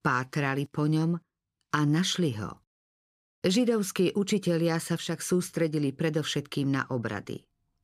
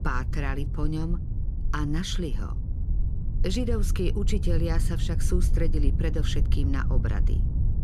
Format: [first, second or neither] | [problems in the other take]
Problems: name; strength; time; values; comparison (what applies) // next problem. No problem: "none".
first | low rumble; noticeable; throughout; 10 dB below the speech